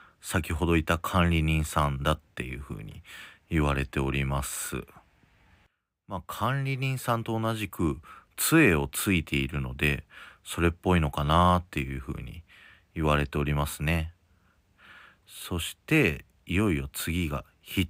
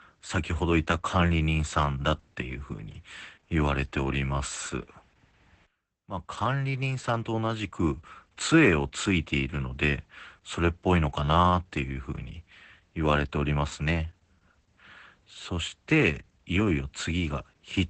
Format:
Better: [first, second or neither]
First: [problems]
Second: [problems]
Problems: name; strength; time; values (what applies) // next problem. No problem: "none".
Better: first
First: none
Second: garbled, watery; badly; nothing above 8 kHz